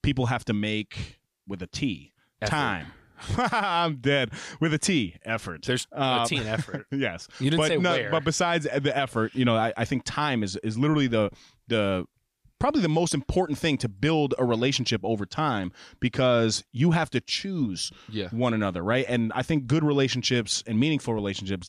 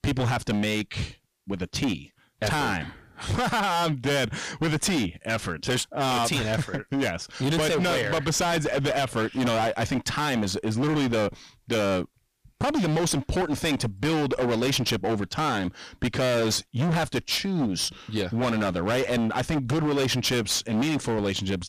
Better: first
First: none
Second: distortion; heavy; 26% of the sound clipped

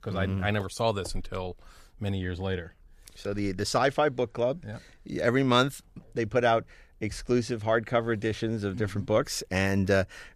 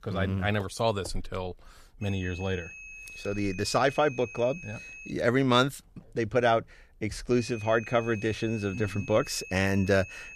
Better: first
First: none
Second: high-pitched whine; noticeable; from 2 to 5 s and from 7.5 s on; 2.5 kHz, 15 dB below the speech

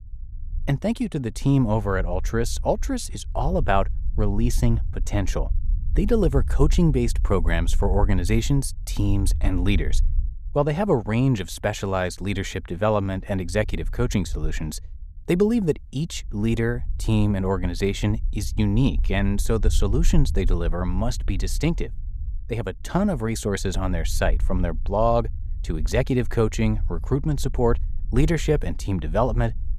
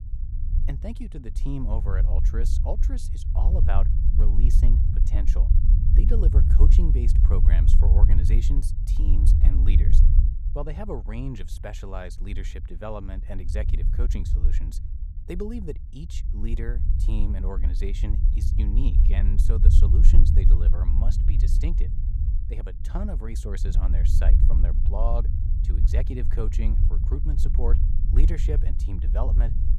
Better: first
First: low rumble; faint; throughout; 25 dB below the speech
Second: low rumble; loud; throughout; 3 dB below the speech

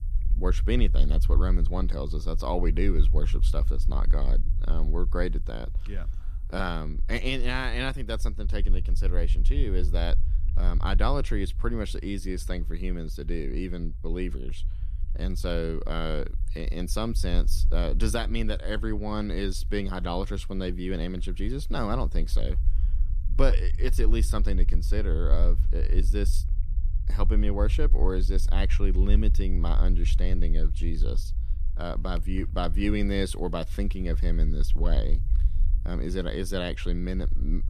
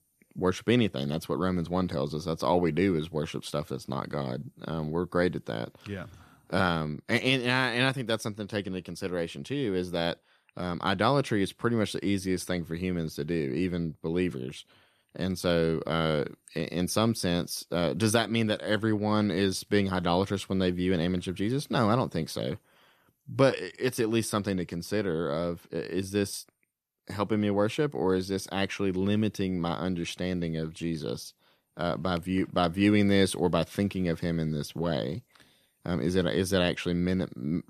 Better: second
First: low rumble; noticeable; throughout; 15 dB below the speech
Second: none

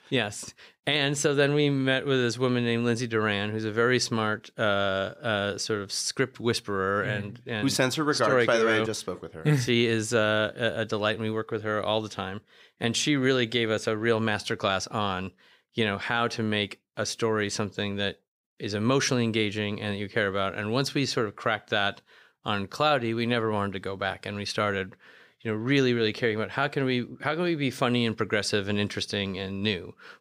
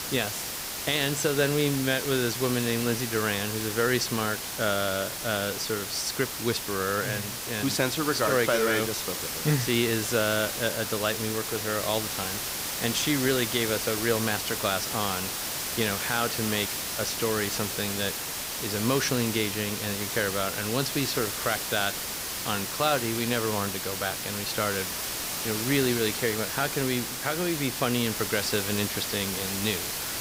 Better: first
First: none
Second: hiss; loud; throughout; 2 dB below the speech

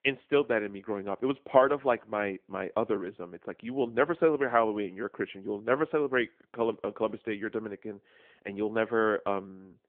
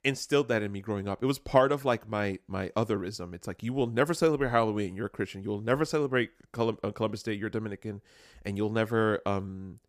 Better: second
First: phone-call audio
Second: none

